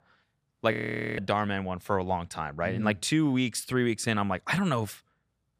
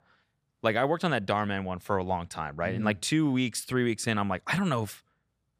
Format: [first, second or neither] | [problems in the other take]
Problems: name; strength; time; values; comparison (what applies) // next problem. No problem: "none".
second | audio freezing; at 0.5 s